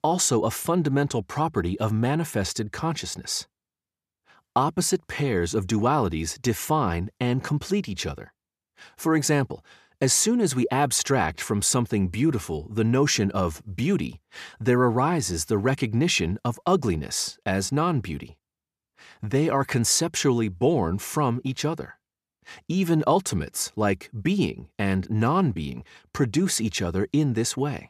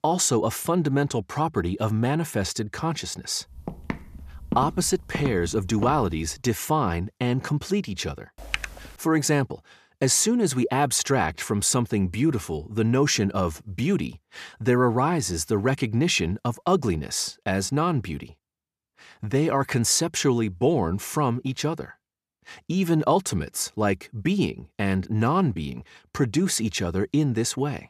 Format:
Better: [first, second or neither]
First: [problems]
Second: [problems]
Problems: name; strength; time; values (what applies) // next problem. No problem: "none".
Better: first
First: none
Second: footsteps; noticeable; from 3.5 to 6 s; peak 8 dB below the speech // keyboard typing; noticeable; at 8.5 s; peak 6 dB below the speech